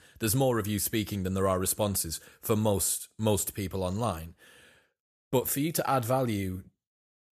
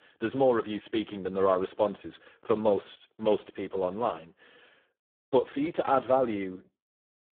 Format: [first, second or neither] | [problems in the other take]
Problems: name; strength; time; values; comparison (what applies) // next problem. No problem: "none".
first | phone-call audio; poor line